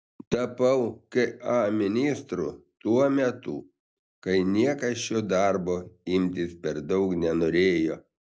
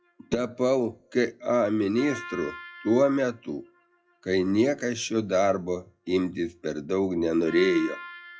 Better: first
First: none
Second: noise reduction (classical method WPE with log-MMSE)

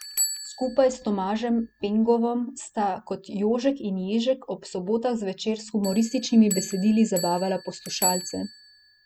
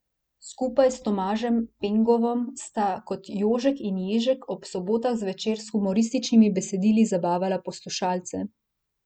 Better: second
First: background sound (Bell); 12 dB below the speech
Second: none

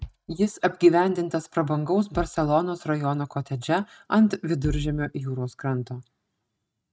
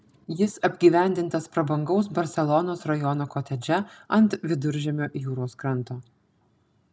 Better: second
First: noise reduction (neural mask model RNNoise)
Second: none

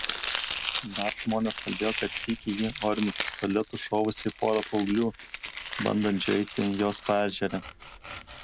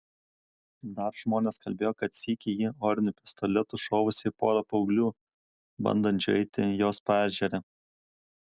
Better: second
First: background sound (Domestic sounds, home sounds); 8 dB below the speech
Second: none

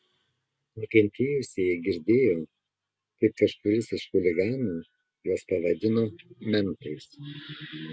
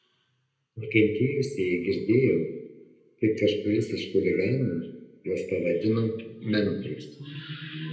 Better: first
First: none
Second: room echo; dies away in 0.7 s

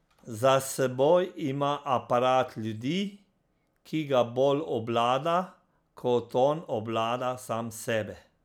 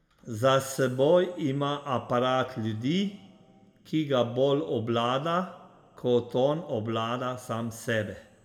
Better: first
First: none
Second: room echo; dies away in 1.4 s

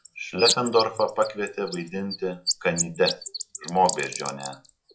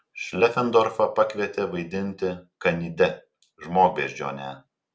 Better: second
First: noise reduction (classical method log-MMSE)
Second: none

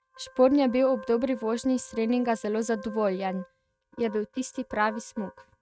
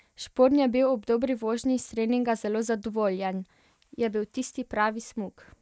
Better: second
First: noise reduction (neural mask model RNNoise)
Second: none

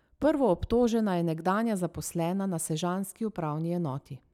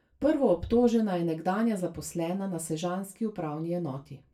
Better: first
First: none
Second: room echo; dies away in 0.2 s

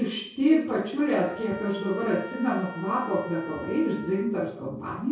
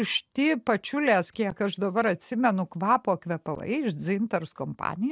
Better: second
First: background sound (Trumpet); 17 dB below the speech // room echo; dies away in 0.6 s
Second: none

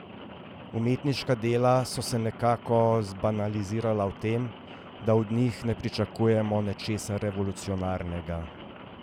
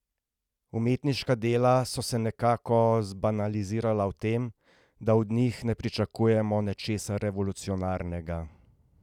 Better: second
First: background sound (Rain); 16 dB below the speech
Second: none

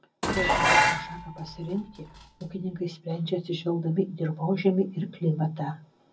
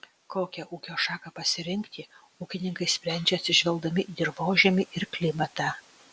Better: second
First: background sound (Dishes, pots, and pans); 3 dB above the speech // room echo; dies away in 0.4 s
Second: none

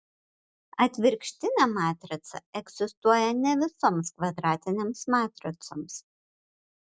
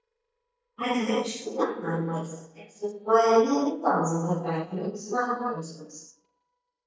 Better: first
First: none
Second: noise reduction (neural mask model DeepFilterNet 3)

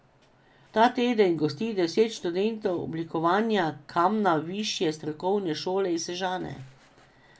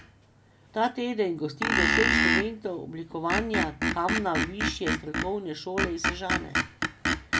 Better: first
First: none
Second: background sound (Screech); 3 dB above the speech

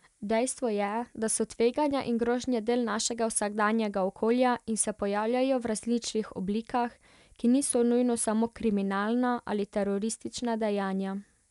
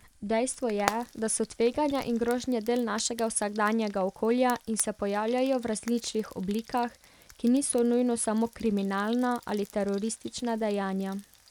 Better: first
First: none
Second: background sound (Frying (food)); 18 dB below the speech

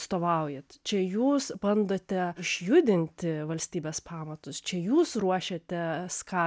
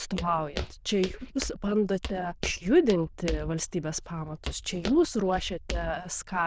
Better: first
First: none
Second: noise reduction (neural diffusion model UNIVERSE++)

